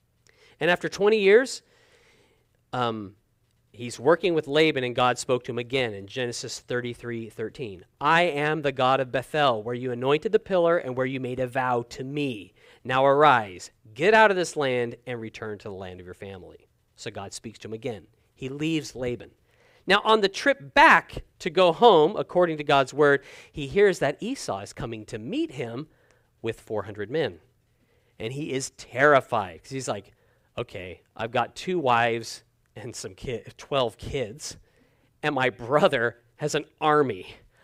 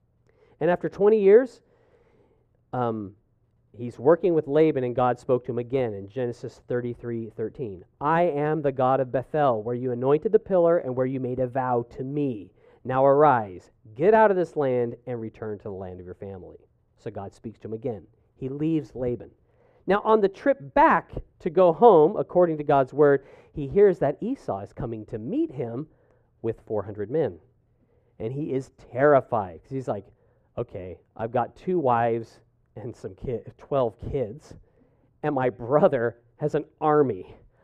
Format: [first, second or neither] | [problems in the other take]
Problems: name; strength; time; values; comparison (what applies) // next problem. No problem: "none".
first | muffled; very; fading above 1.5 kHz